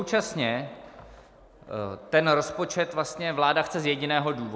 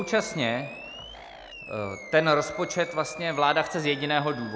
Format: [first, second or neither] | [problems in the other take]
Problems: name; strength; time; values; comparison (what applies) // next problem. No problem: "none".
first | background sound (Animal); 16 dB below the speech